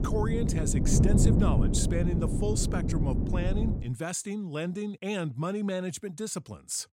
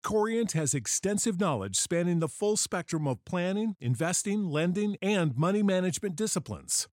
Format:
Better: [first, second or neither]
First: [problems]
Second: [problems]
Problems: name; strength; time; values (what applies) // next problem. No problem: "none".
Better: second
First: wind noise on the microphone; heavy; until 4 s; 2 dB below the speech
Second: none